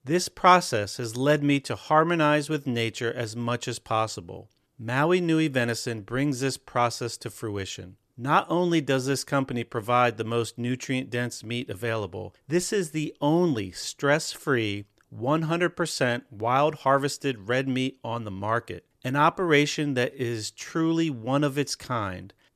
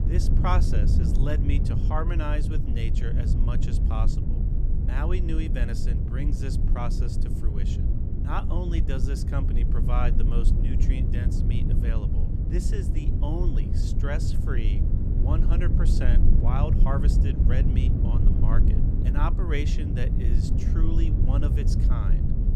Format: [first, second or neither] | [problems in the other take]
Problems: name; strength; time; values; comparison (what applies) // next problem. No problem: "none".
first | low rumble; loud; throughout; 2 dB below the speech